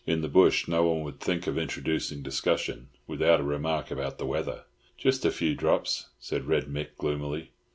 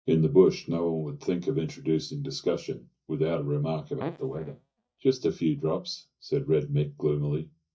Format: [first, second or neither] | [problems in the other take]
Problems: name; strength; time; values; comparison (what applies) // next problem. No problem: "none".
first | noise reduction (neural mask model DeepFilterNet 3)